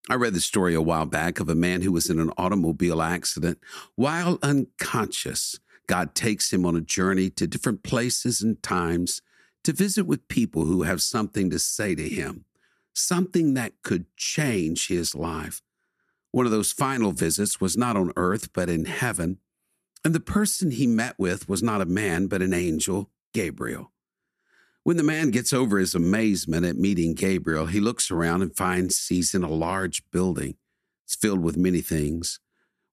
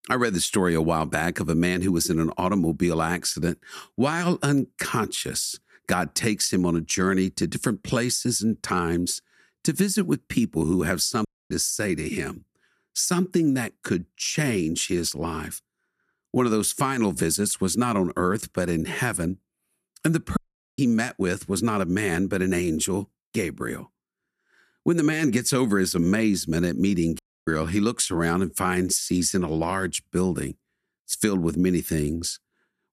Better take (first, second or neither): first